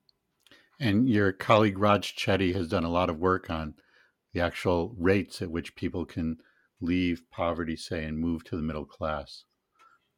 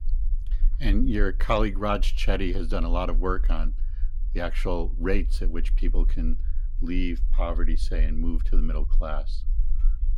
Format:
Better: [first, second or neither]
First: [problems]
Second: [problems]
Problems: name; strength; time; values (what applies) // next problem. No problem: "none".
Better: first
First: none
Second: low rumble; faint; throughout; 25 dB below the speech